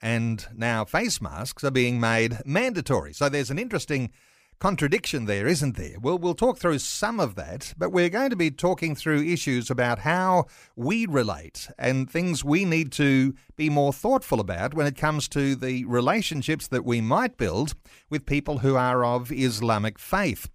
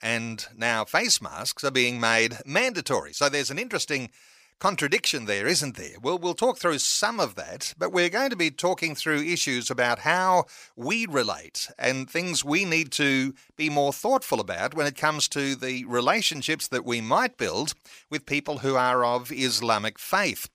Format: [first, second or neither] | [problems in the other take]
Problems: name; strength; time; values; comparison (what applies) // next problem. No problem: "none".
first | thin; very slightly; fading below 1 kHz